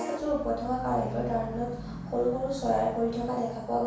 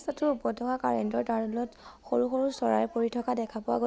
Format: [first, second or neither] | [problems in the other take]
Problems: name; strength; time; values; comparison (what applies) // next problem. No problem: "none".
second | background sound (Bus / Vehicle horn, car horn, honking); 10 dB below the speech // room echo; dies away in 0.7 s